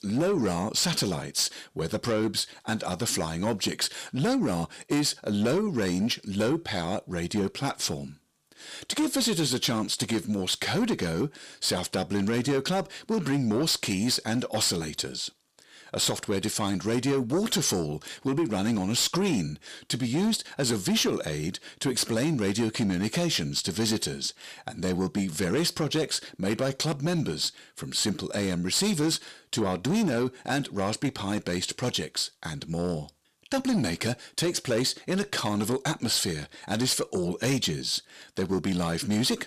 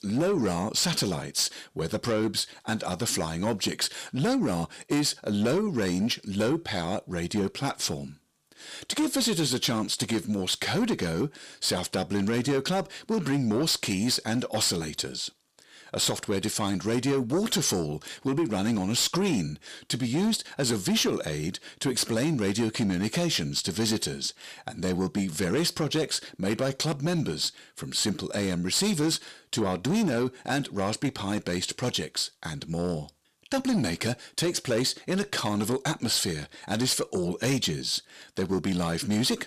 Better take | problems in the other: neither | distortion; slight; 10 dB below the speech; the same in both

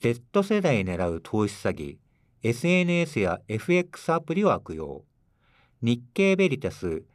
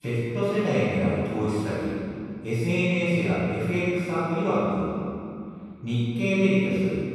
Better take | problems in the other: first | room echo; strong; dies away in 2.3 s // off-mic speech; far

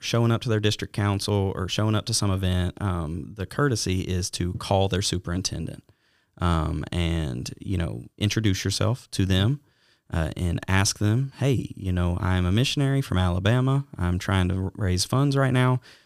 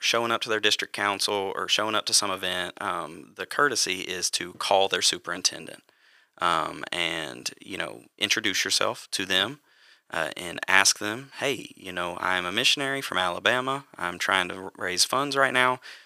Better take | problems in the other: first | thin; very; fading below 550 Hz

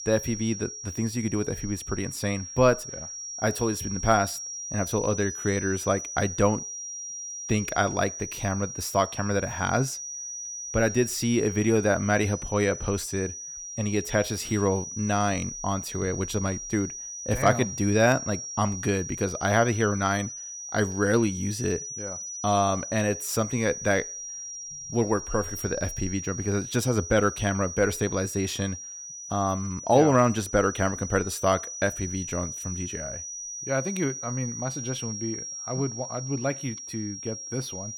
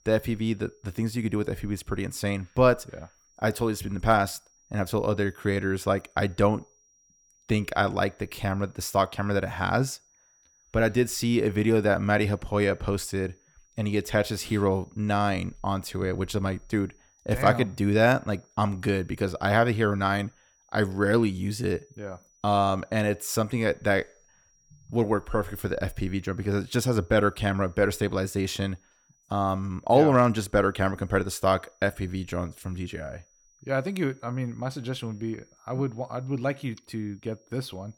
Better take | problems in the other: second | high-pitched whine; loud; throughout; 6 kHz, 8 dB below the speech; faint in the second

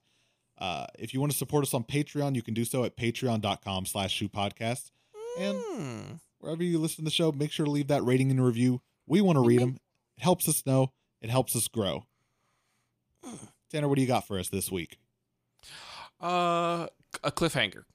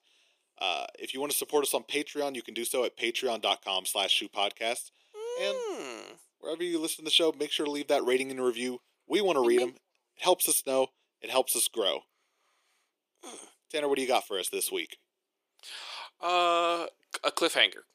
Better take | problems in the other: first | thin; very; fading below 350 Hz

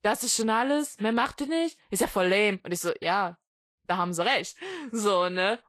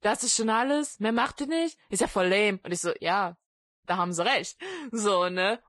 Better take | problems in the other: first | garbled, watery; badly; slightly in the first

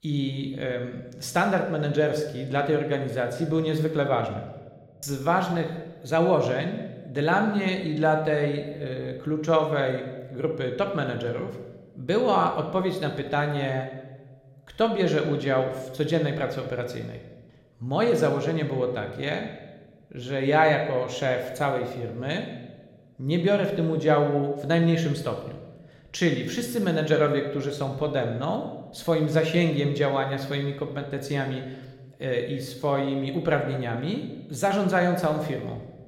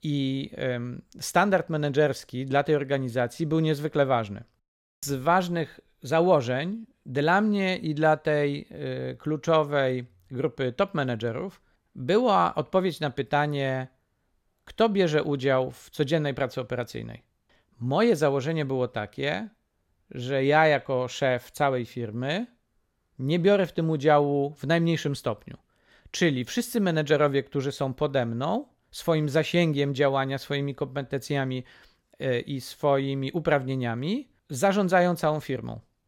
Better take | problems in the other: second | room echo; slight; dies away in 0.9 s

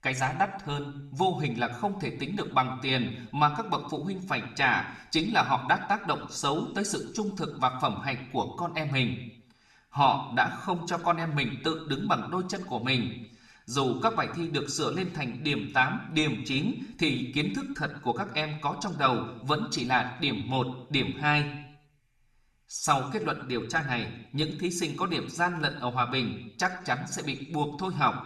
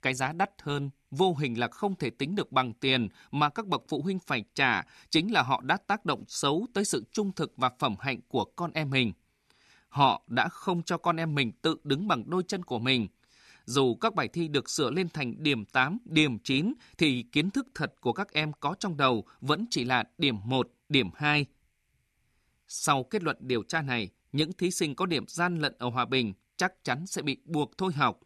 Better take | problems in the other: second | room echo; very slight; dies away in 0.6 s // off-mic speech; somewhat distant

